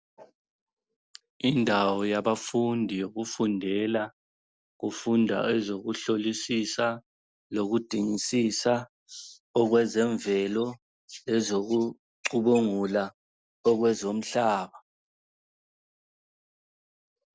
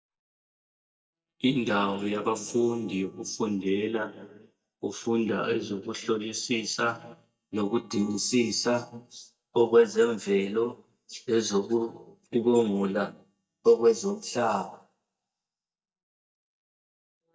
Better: first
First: none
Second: noise reduction (neural mask model DeepFilterNet 3)

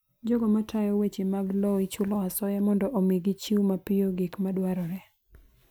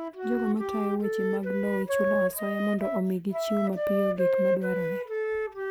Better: first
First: none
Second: background sound (Wind instrument, woodwind instrument); 1 dB above the speech

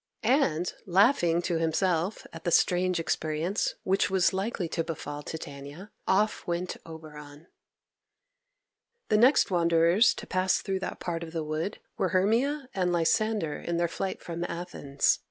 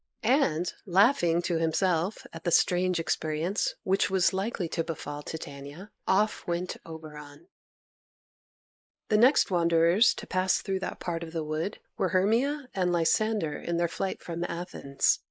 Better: first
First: none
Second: noise reduction (neural mask model Resemble Enhance denoiser)

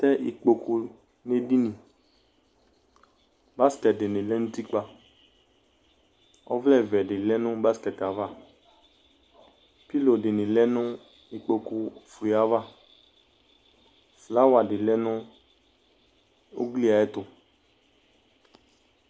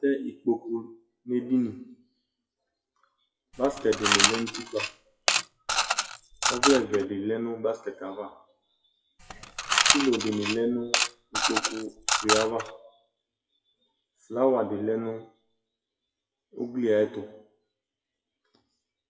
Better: first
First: none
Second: noise reduction (classical method WPE with log-MMSE)

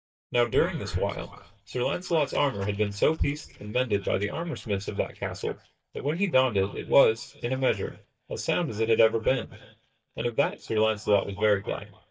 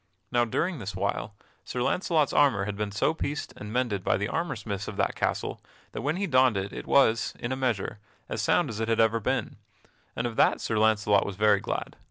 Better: second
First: noise reduction (neural mask model DeepFilterNet 3)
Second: none

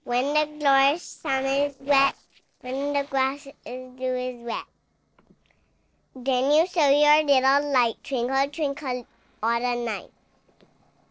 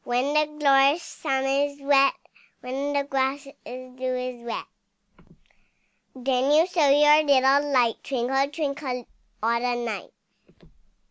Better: second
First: noise reduction (neural separator model SepFormer DNS4)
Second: none

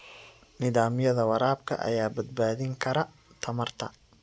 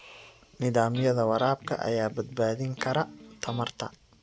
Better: first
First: none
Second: background sound (Electric guitar); 19 dB below the speech

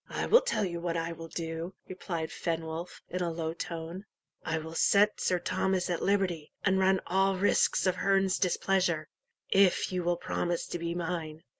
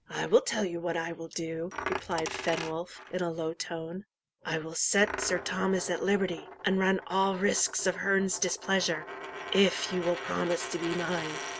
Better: first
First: none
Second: background sound (Coin (dropping)); 11 dB below the speech

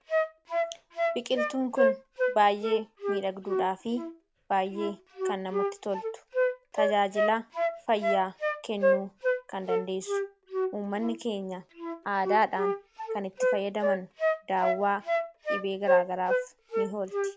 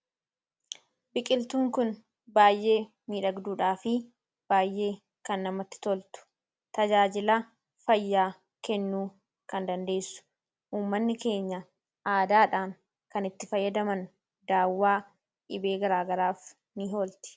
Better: second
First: background sound (Wind instrument, woodwind instrument); 1 dB above the speech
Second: none

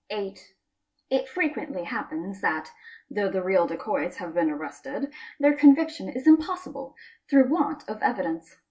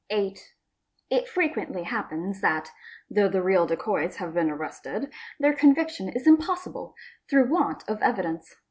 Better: second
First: room echo; dies away in 0.1 s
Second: none

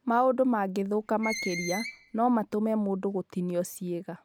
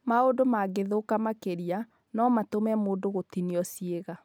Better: second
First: background sound (Screech); 12 dB below the speech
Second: none

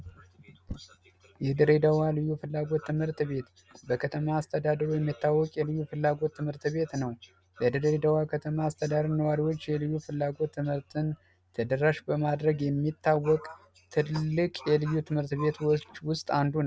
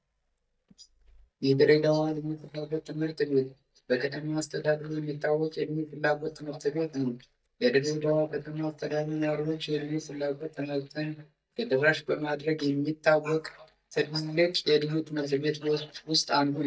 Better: first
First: none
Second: noise reduction (neural mask model DeepFilterNet 3)

